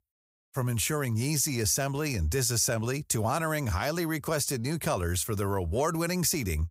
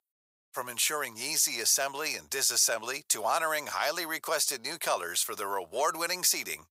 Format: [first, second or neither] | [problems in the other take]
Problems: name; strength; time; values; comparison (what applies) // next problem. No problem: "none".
first | thin; very; fading below 750 Hz